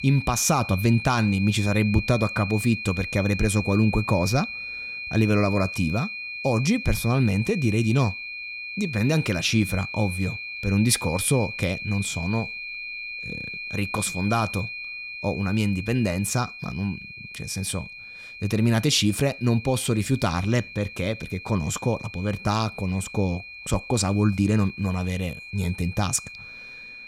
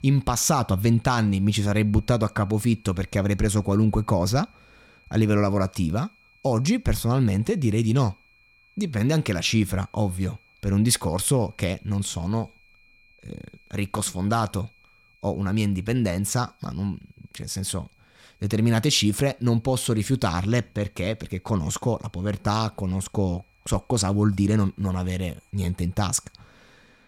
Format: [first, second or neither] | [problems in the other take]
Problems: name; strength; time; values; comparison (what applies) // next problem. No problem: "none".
second | high-pitched whine; loud; throughout; 2.5 kHz, 9 dB below the speech; faint in the second